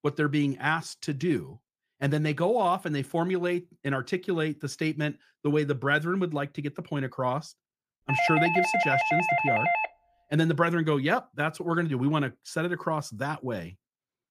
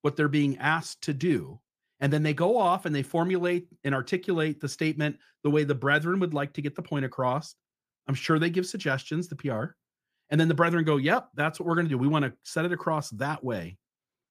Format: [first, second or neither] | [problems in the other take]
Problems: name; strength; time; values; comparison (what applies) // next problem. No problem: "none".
second | doorbell; loud; from 8 to 10 s; peak 4 dB above the speech